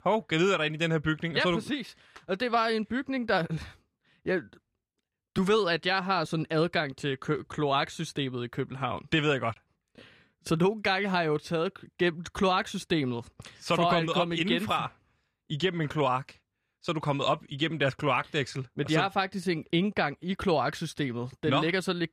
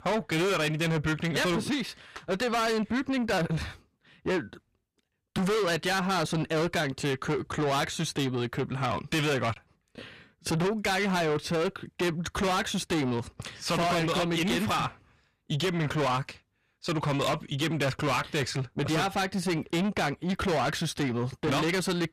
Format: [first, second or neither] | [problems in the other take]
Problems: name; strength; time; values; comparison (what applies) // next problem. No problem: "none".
first | distortion; heavy; 6 dB below the speech